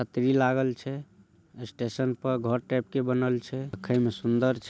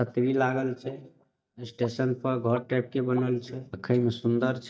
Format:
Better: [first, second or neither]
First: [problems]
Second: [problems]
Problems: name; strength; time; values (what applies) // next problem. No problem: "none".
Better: first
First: none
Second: noise reduction (neural mask model DeepFilterNet 3)